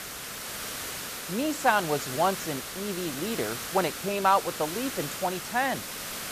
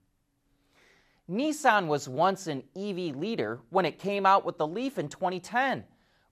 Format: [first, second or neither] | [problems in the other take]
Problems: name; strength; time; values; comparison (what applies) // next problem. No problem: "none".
second | hiss; loud; throughout; 6 dB below the speech